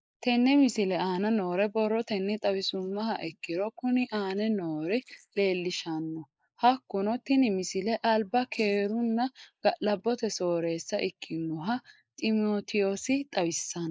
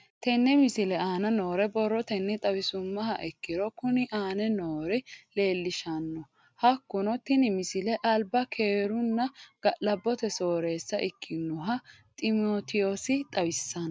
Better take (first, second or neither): second